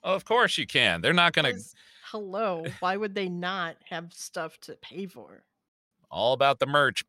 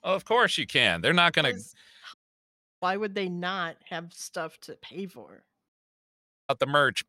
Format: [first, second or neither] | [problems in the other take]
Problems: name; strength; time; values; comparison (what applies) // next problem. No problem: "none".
first | audio cutting out; at 2 s for 0.5 s and at 6 s for 0.5 s